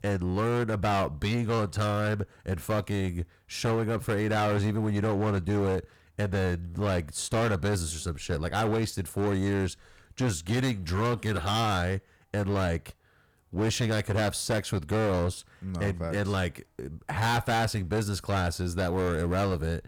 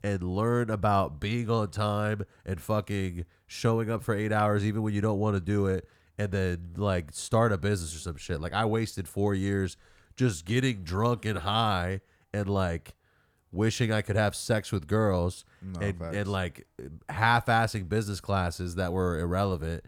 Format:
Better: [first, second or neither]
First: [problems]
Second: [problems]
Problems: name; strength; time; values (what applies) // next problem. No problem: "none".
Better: second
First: distortion; heavy; 16% of the sound clipped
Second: none